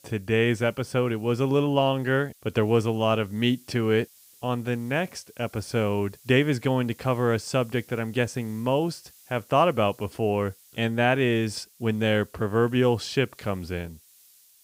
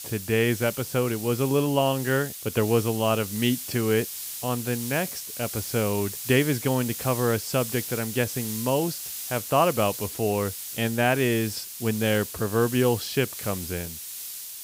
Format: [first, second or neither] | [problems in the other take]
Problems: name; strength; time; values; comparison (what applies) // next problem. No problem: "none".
first | hiss; loud; throughout; 7 dB below the speech; faint in the first